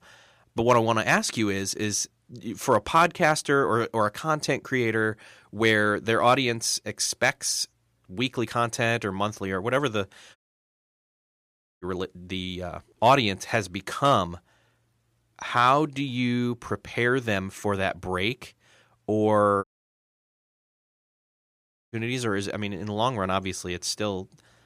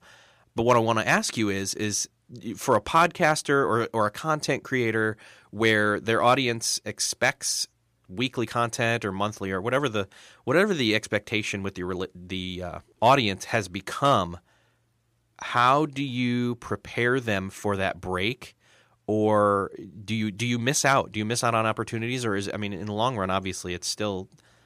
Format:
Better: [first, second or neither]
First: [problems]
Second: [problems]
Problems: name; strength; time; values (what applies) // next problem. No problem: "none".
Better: second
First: audio cutting out; at 10 s for 1.5 s and at 20 s for 2.5 s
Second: none